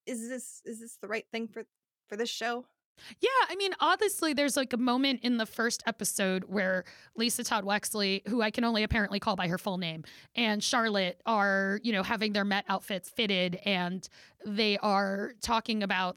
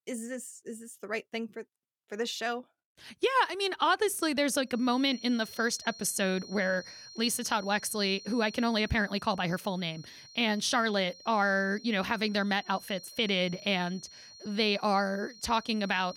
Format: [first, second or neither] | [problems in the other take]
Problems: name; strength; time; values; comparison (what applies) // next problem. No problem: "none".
first | high-pitched whine; noticeable; from 5 s on; 4 kHz, 20 dB below the speech